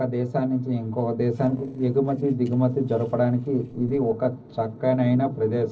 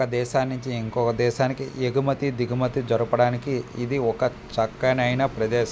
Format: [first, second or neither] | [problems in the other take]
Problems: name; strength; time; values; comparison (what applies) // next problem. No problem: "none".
second | noise reduction (neural separator model SepFormer DNS4)